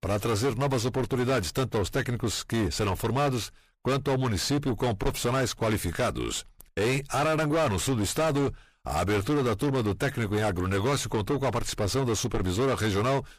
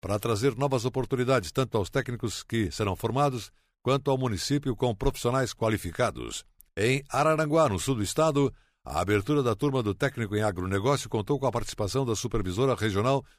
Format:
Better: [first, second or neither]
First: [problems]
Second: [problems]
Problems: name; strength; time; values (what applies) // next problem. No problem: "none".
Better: second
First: distortion; heavy; 6 dB below the speech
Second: none